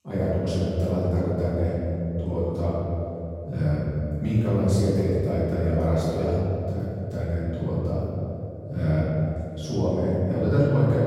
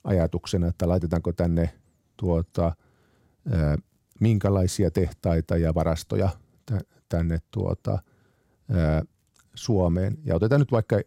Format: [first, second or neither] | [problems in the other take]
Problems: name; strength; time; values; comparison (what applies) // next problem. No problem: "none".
second | off-mic speech; far // room echo; strong; dies away in 2.6 s